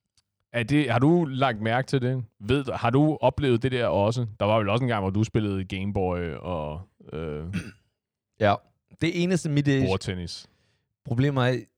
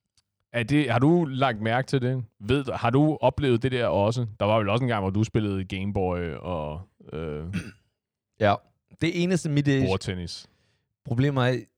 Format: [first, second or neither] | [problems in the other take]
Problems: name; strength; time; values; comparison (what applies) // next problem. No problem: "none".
neither | none